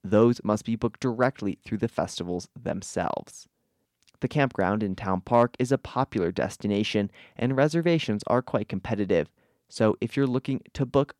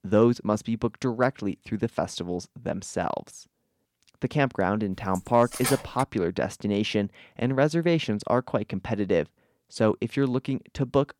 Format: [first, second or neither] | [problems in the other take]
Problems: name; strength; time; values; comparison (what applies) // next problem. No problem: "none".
first | clattering dishes; noticeable; at 5 s; peak 3 dB below the speech